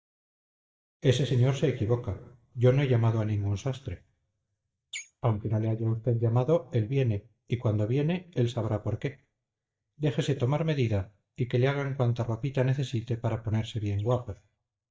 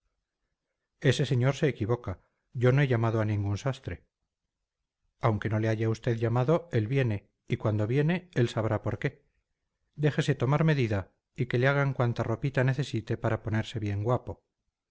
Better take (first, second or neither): second